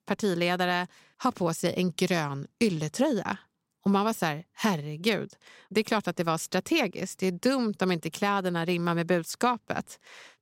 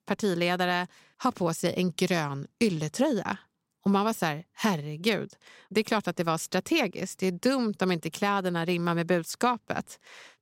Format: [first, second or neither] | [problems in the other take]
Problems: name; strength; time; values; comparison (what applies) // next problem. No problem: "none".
neither | none